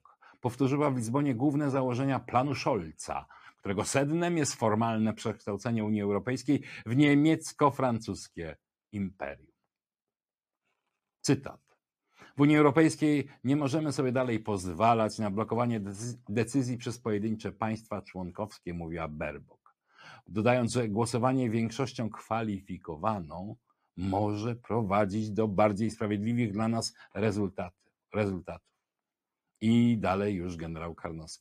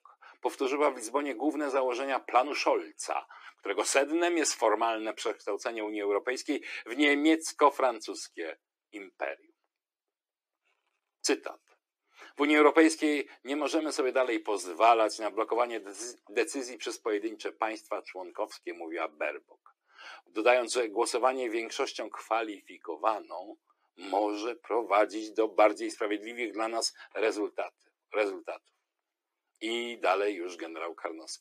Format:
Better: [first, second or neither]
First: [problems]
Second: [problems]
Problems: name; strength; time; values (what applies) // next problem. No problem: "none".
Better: first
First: none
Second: thin; very; fading below 300 Hz